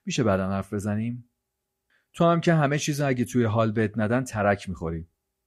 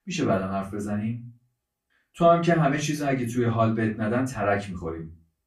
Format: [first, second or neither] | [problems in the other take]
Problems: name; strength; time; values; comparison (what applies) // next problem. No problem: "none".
first | off-mic speech; far // room echo; very slight; dies away in 0.2 s